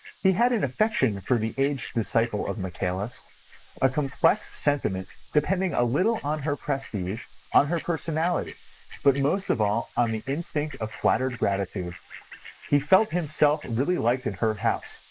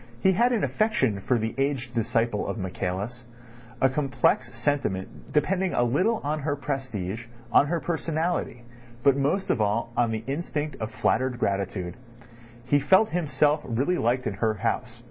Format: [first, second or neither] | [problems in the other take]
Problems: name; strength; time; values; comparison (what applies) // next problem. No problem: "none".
second | noise reduction (neural mask model Resemble Enhance denoiser)